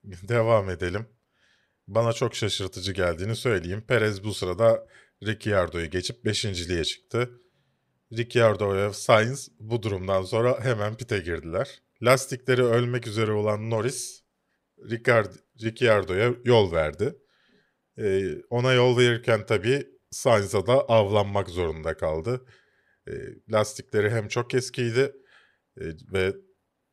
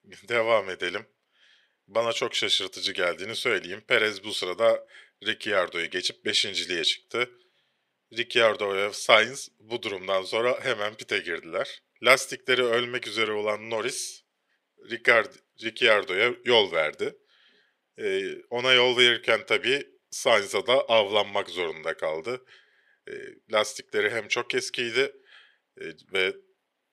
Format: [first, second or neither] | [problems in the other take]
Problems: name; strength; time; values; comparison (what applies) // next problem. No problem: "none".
first | thin; somewhat; fading below 300 Hz